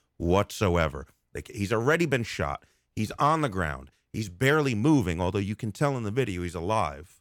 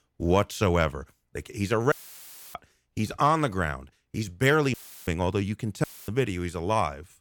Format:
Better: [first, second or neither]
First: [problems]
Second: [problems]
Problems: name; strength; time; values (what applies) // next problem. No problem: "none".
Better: first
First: none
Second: audio cutting out; filled with static; at 2 s for 0.5 s, at 4.5 s and at 6 s